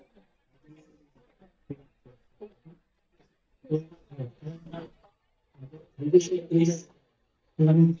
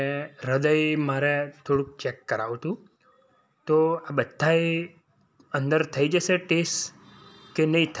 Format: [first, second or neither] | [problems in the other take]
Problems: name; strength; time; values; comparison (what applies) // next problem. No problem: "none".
second | noise reduction (neural mask model DeepFilterNet 3)